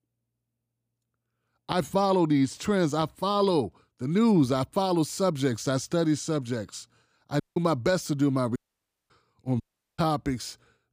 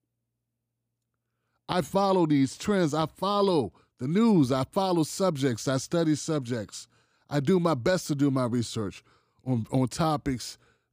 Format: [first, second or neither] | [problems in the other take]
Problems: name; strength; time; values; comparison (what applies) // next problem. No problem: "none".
second | audio cutting out; at 7.5 s, at 8.5 s for 0.5 s and at 9.5 s